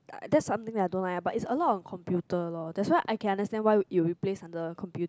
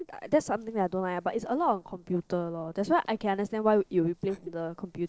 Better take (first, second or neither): first